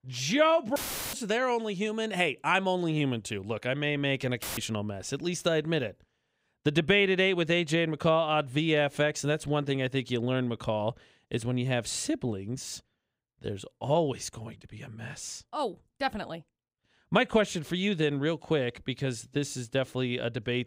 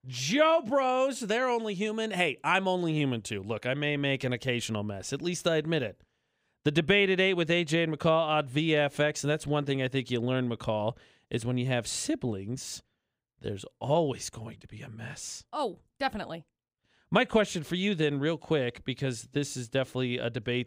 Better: second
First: audio cutting out; filled with static; at 1 s and at 4.5 s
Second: none

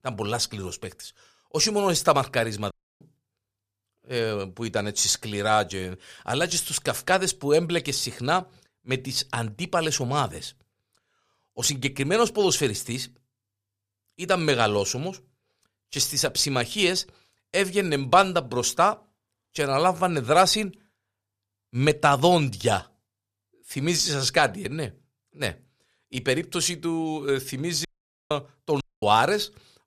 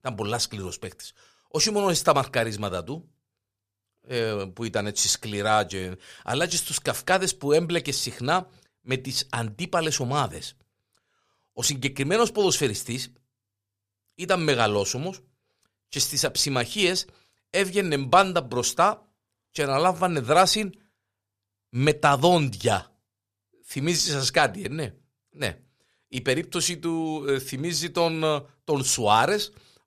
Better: second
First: audio cutting out; at 2.5 s, at 28 s and at 29 s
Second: none

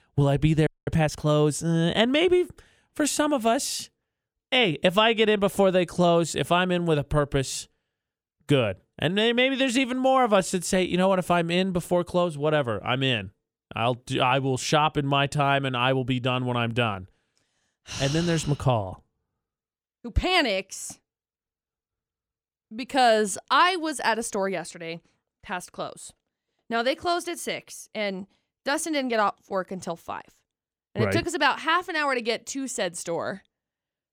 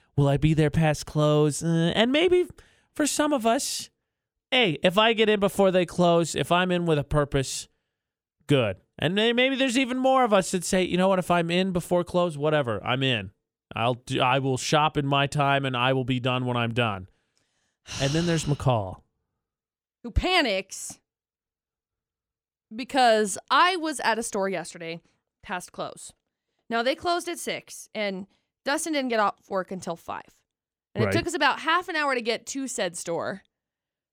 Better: second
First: audio freezing; at 0.5 s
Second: none

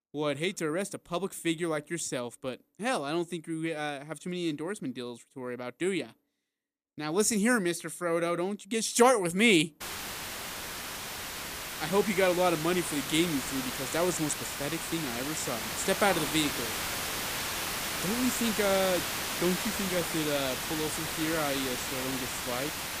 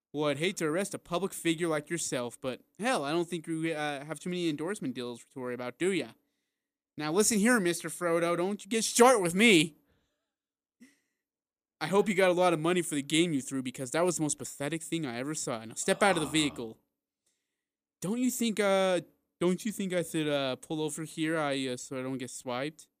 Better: second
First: hiss; loud; from 10 s on; 3 dB below the speech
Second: none

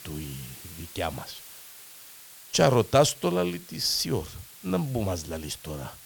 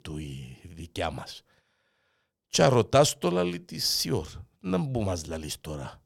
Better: second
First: hiss; noticeable; throughout; 15 dB below the speech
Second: none

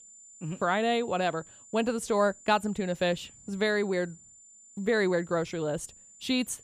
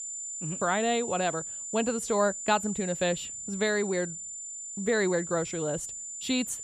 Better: first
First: high-pitched whine; faint; throughout; 7 kHz, 20 dB below the speech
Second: high-pitched whine; loud; throughout; 7 kHz, 6 dB below the speech

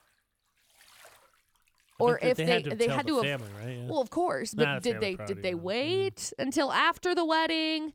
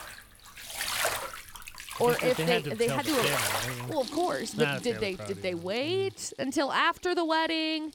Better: first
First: household noises; faint; throughout; 30 dB below the speech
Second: household noises; loud; throughout; 5 dB below the speech

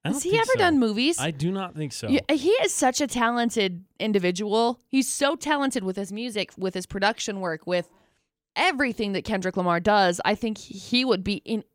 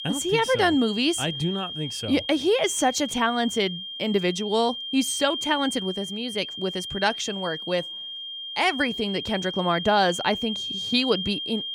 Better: first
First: none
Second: high-pitched whine; loud; throughout; 3 kHz, 6 dB below the speech

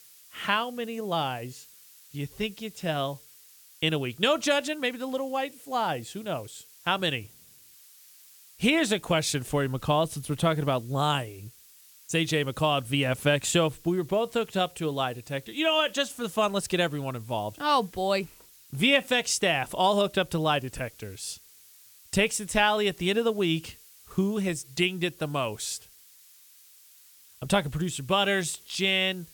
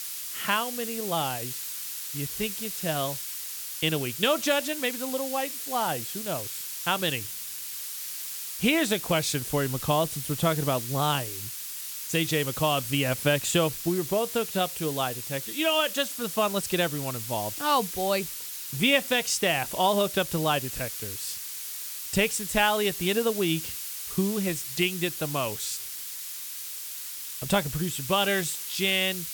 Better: first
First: hiss; faint; throughout; 25 dB below the speech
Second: hiss; loud; throughout; 6 dB below the speech

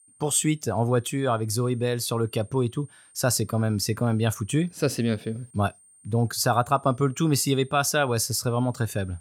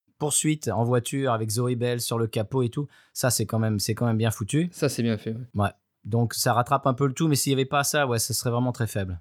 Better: second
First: high-pitched whine; faint; throughout; 8.5 kHz, 30 dB below the speech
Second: none

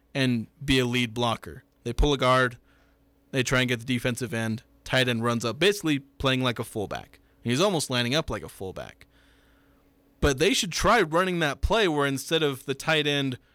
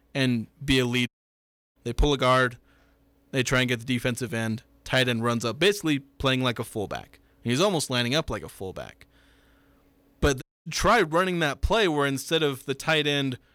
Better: first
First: none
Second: audio cutting out; at 1 s for 0.5 s and at 10 s

